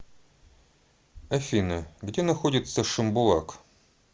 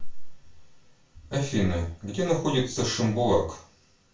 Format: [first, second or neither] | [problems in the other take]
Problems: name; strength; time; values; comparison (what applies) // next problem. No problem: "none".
first | room echo; dies away in 0.3 s